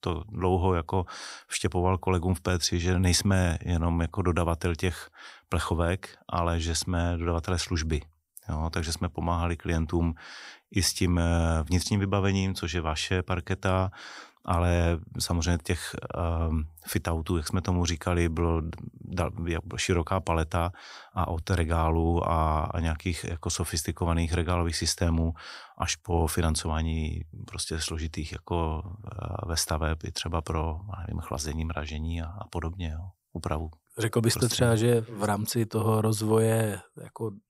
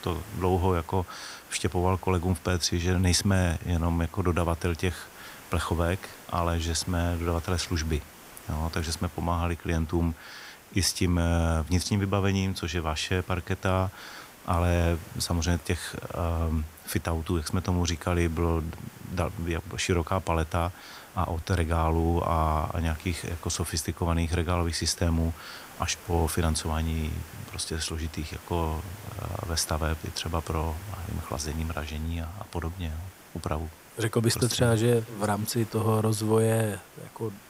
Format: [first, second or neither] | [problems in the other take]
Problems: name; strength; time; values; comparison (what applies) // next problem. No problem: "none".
first | hiss; noticeable; throughout; 20 dB below the speech